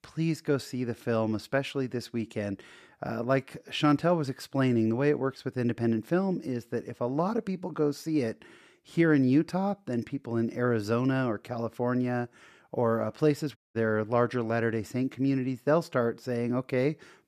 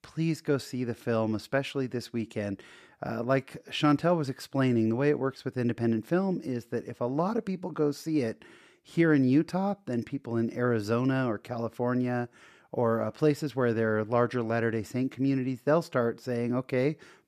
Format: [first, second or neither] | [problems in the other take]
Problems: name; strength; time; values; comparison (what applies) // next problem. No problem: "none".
second | audio cutting out; at 14 s